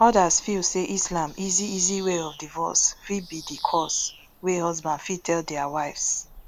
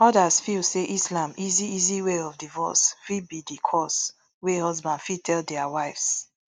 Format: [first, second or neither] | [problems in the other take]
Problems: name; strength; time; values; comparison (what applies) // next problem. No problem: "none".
second | background sound (Bird vocalization, bird call, bird song); 20 dB below the speech